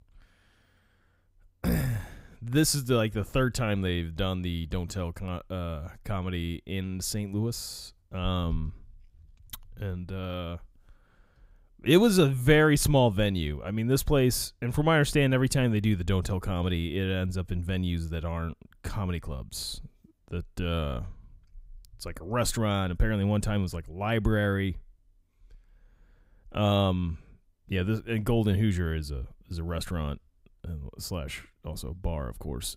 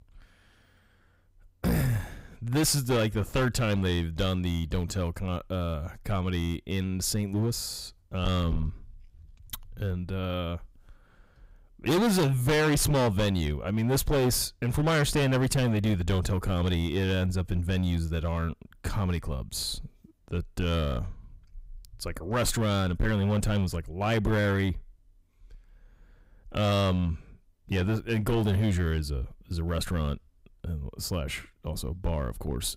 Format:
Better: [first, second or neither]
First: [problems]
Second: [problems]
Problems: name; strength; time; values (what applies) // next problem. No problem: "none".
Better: first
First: none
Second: distortion; heavy; 10% of the sound clipped